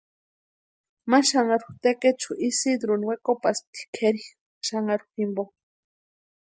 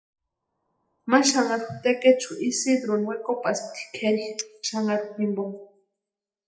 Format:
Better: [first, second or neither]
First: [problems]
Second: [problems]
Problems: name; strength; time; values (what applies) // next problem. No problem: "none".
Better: first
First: none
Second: noise reduction (classical method WPE with log-MMSE)